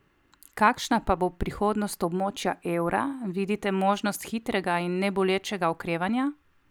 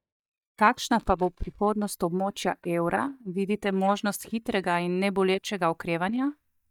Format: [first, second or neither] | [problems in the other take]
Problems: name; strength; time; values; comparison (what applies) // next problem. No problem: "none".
first | noise reduction (neural mask model DeepFilterNet 3)